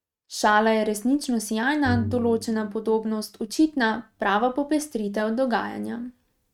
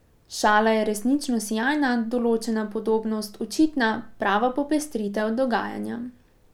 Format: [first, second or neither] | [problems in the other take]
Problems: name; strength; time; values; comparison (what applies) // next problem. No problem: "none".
second | noise reduction (neural mask model RNNoise)